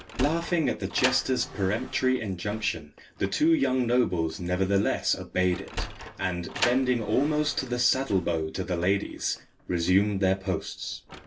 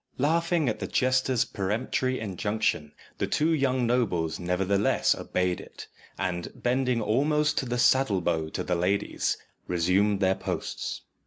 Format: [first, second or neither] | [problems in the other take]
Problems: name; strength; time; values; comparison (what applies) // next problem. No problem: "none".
second | background sound (Sliding door); 13 dB below the speech // room echo; dies away in 0.1 s